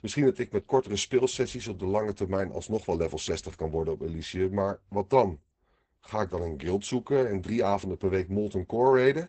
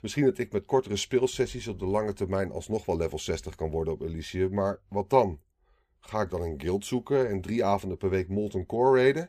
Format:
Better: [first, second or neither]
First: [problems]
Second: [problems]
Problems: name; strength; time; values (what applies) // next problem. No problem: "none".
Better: second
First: garbled, watery; badly; nothing above 8 kHz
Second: none